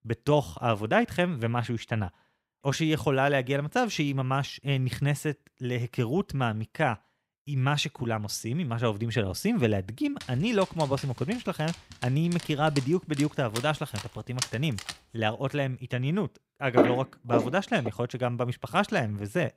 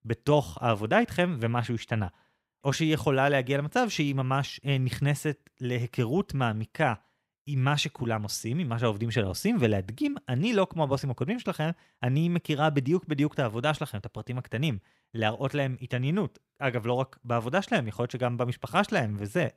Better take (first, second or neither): second